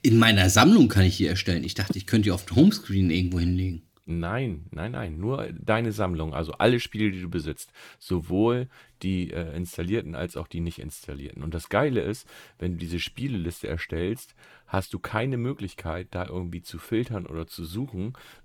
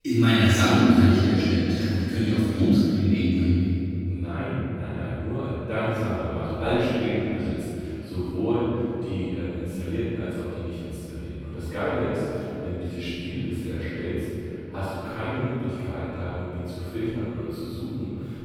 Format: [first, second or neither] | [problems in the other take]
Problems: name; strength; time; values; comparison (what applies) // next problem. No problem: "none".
first | off-mic speech; far // room echo; strong; dies away in 3 s